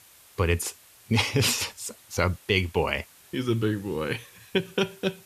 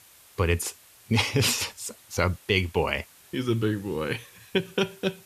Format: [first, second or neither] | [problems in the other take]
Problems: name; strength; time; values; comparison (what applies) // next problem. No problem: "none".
neither | hiss; faint; throughout; 25 dB below the speech; the same in both